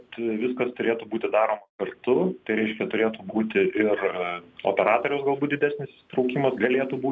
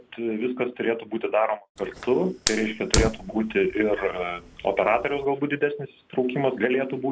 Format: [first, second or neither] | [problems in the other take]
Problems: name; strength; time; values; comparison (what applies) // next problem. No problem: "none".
first | background sound (Fire); 6 dB below the speech